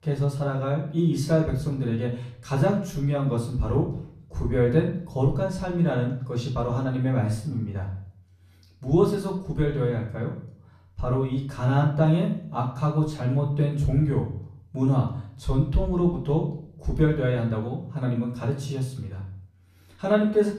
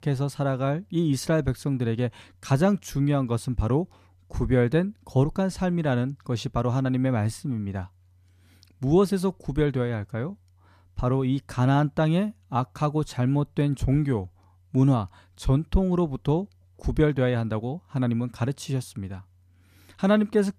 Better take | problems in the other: second | off-mic speech; far // room echo; slight; dies away in 0.5 s

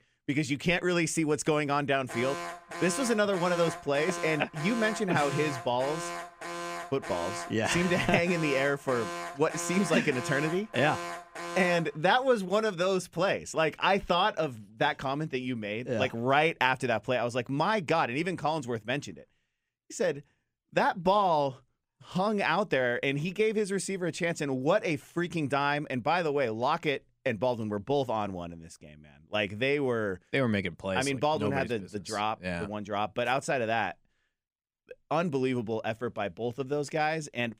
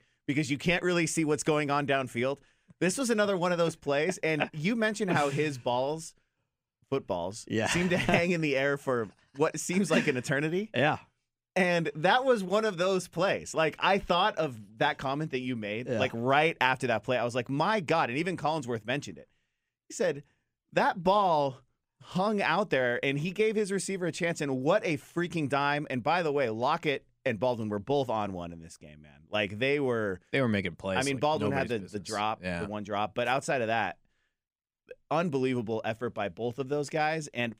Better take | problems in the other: second | alarm; noticeable; from 2 to 12 s; peak 7 dB below the speech

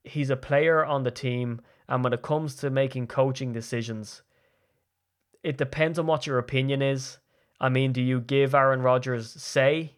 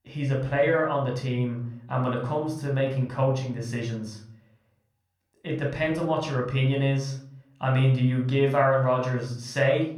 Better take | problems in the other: first | off-mic speech; somewhat distant // room echo; slight; dies away in 0.6 s

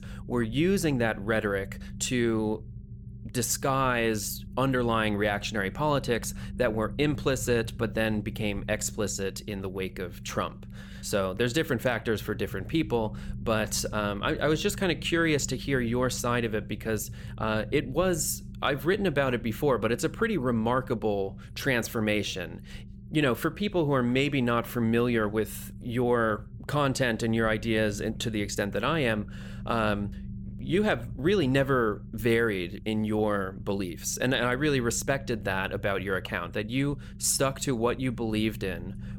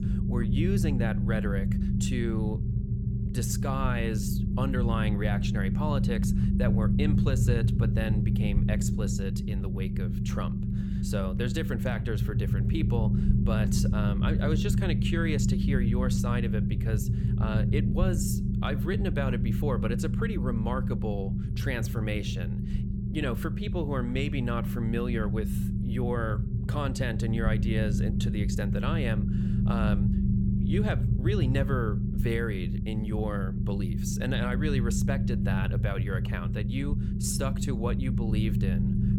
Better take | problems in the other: first | low rumble; loud; throughout; 3 dB below the speech; faint in the first

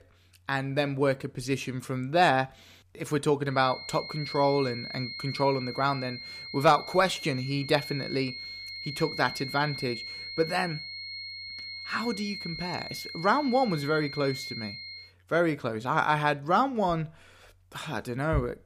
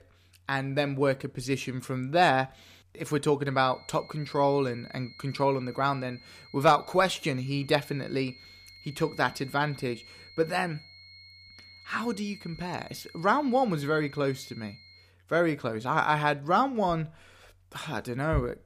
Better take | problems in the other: second | high-pitched whine; loud; from 3.5 to 15 s; 4 kHz, 9 dB below the speech; faint in the second

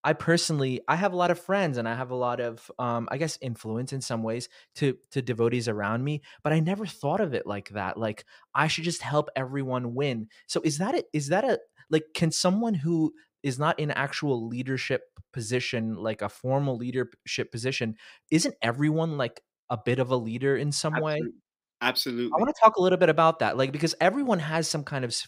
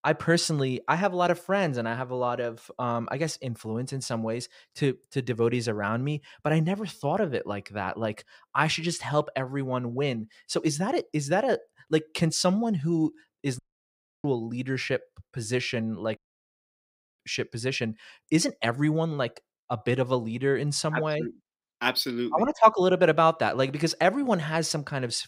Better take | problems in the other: first | audio cutting out; at 14 s for 0.5 s and at 16 s for 1 s

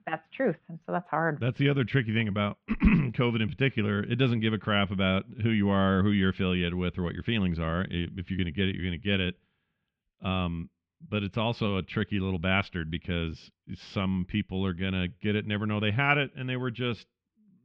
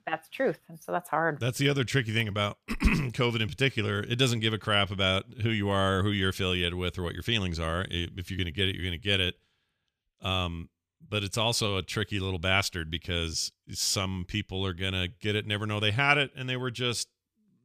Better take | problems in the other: second | muffled; very; fading above 3 kHz

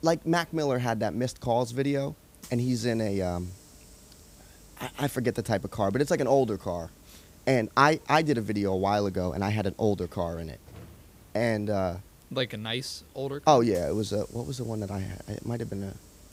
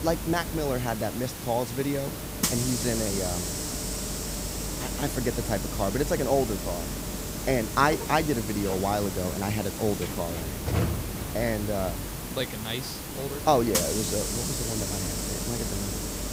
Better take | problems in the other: first | hiss; loud; throughout; 2 dB below the speech; faint in the first

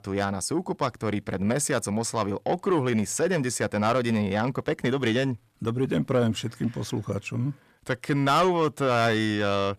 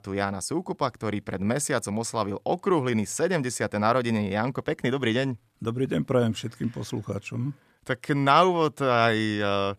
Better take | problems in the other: second | distortion; slight; 10 dB below the speech

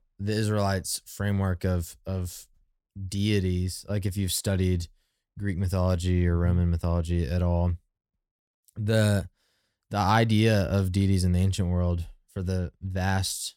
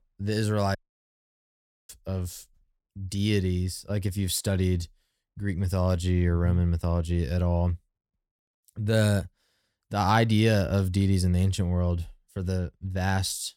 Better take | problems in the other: first | audio cutting out; at 1 s for 1 s

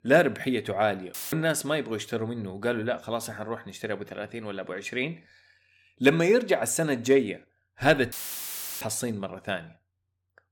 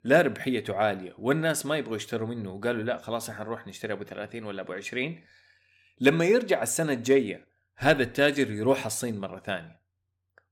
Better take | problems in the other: second | audio cutting out; filled with static; at 1 s and at 8 s for 0.5 s

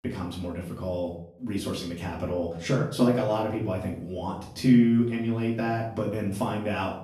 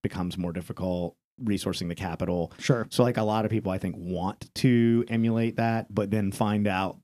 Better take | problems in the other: second | off-mic speech; far // room echo; noticeable; dies away in 0.5 s

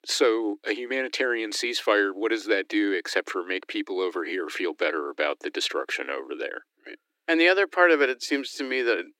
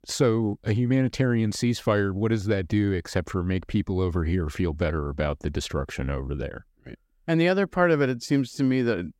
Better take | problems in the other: second | thin; very; fading below 300 Hz

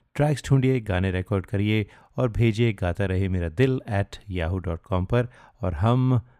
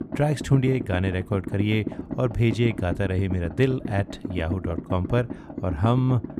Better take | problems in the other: first | low rumble; loud; throughout; 9 dB below the speech

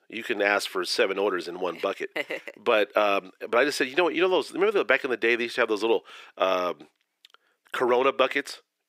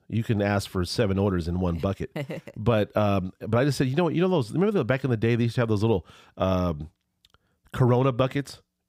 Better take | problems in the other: second | thin; very; fading below 350 Hz

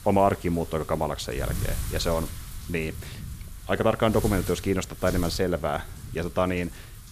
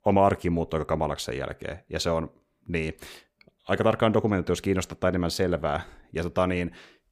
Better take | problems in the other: second | wind noise on the microphone; occasional gusts; 15 dB below the speech

